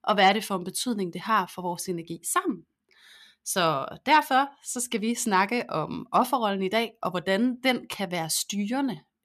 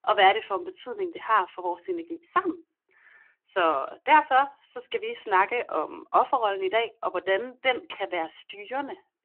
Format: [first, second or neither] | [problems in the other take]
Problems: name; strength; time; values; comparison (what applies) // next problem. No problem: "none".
first | phone-call audio